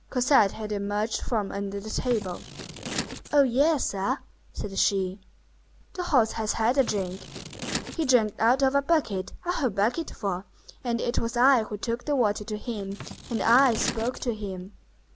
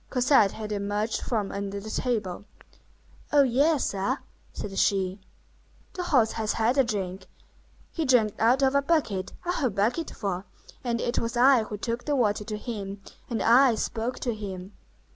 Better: second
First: background sound (Scissors); 11 dB below the speech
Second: none

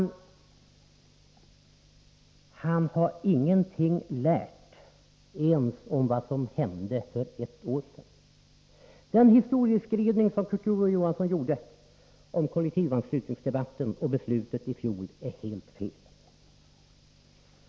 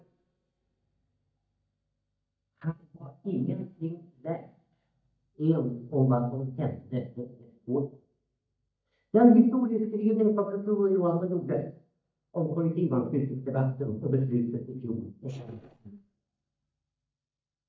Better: first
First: none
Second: noise reduction (neural mask model DeepFilterNet 3)

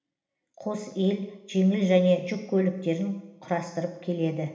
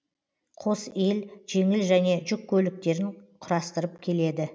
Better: second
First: room echo; dies away in 1.1 s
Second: none

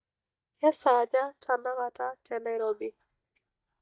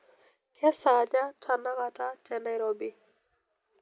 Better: second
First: noise reduction (neural mask model DeepFilterNet 3)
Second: none

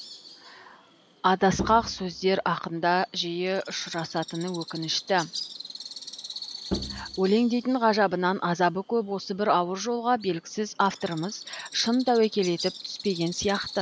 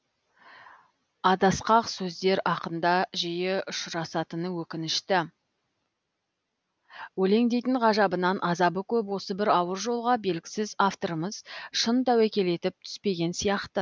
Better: second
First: background sound (Bowed string instrument + Bird); 13 dB below the speech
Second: none

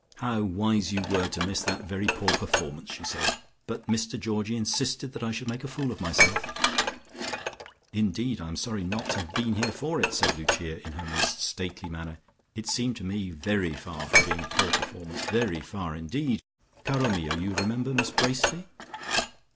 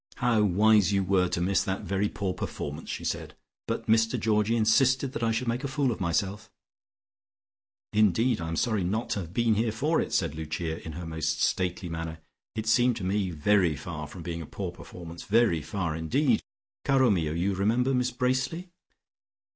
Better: second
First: background sound (Dishes, pots, and pans); 1 dB below the speech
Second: none

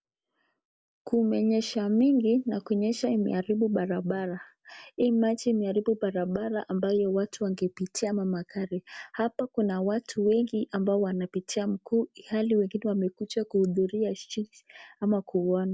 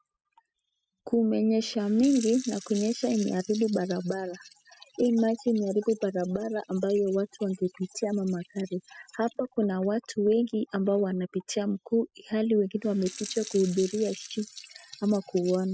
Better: first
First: none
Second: noise reduction (classical method spectral subtraction)

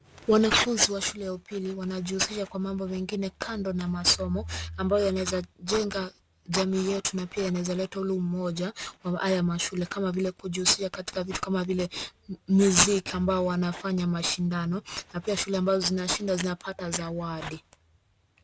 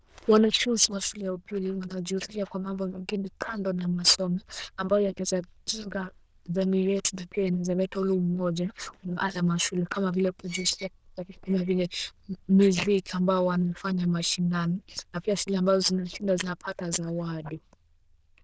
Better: first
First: none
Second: noise reduction (neural diffusion model UNIVERSE++)

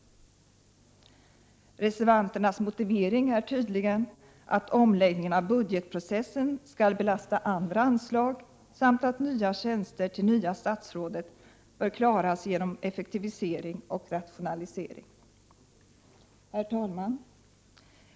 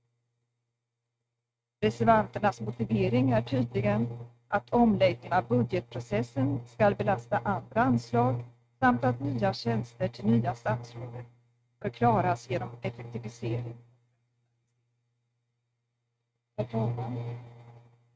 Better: first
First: none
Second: noise reduction (neural mask model RNNoise)

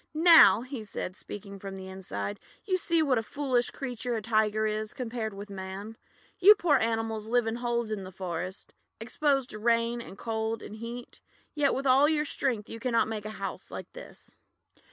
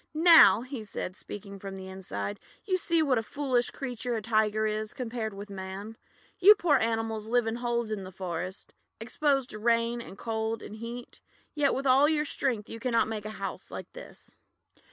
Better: first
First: none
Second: background sound (Tap); 20 dB below the speech

